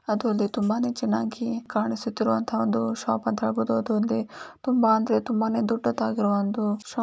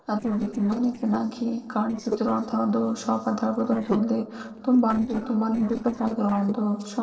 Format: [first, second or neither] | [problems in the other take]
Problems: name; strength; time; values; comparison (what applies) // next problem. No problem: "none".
first | noise reduction (neural separator model SepFormer DNS4)